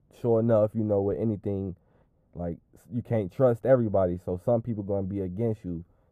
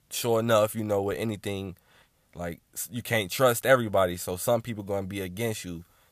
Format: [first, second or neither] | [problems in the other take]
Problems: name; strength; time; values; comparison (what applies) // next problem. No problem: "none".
second | muffled; very; fading above 1.5 kHz